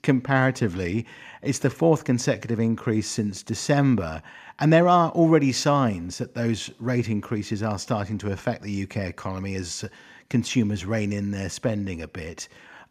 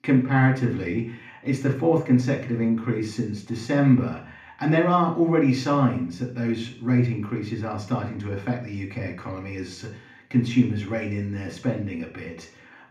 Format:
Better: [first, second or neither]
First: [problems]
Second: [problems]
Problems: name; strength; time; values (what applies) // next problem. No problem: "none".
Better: first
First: none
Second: room echo; slight; dies away in 0.5 s // off-mic speech; somewhat distant